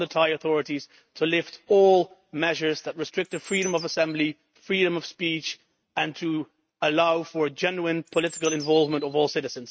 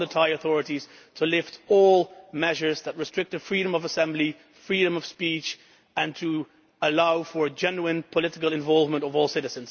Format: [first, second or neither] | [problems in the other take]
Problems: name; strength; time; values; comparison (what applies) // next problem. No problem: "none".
second | noise reduction (neural mask model RNNoise)